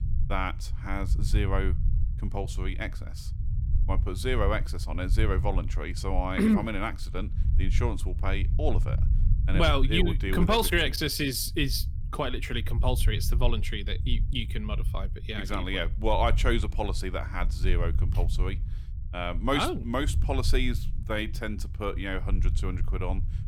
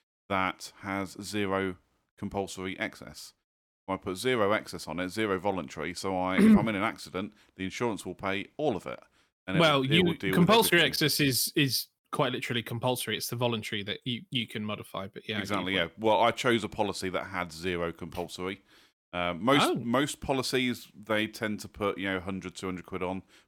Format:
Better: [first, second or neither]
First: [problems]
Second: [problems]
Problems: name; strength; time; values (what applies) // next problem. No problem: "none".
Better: second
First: low rumble; noticeable; throughout; 15 dB below the speech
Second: none